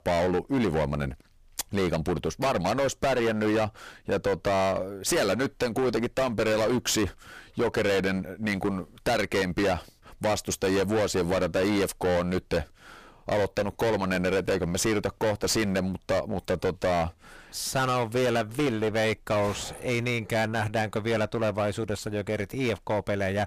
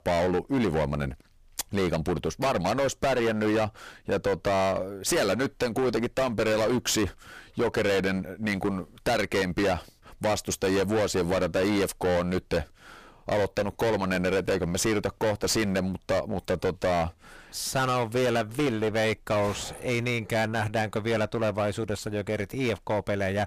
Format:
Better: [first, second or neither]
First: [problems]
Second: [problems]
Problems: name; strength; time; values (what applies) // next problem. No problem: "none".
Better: neither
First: distortion; heavy; 20% of the sound clipped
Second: distortion; heavy; 20% of the sound clipped